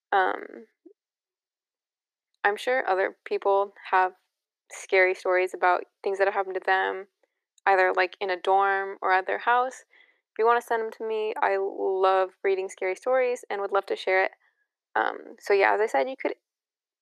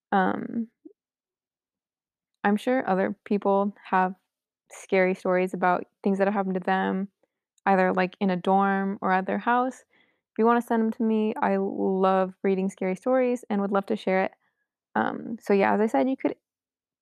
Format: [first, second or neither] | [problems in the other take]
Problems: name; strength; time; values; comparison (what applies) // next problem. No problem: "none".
second | thin; very; fading below 350 Hz